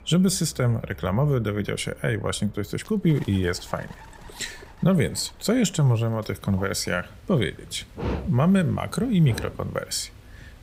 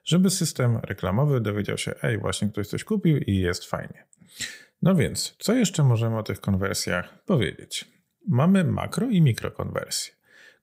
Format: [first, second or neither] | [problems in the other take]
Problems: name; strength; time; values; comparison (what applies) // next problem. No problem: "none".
second | animal sounds; noticeable; throughout; 15 dB below the speech